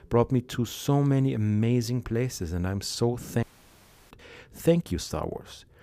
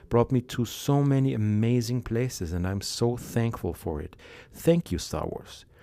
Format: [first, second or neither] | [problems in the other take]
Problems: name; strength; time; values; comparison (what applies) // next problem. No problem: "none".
second | audio cutting out; at 3.5 s for 0.5 s